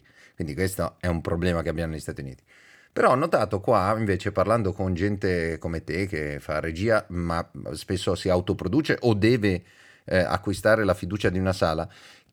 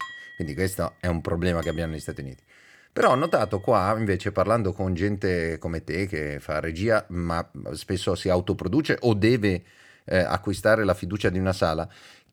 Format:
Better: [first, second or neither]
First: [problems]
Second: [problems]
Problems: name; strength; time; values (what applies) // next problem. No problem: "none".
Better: first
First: none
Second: clattering dishes; faint; until 3.5 s; peak 10 dB below the speech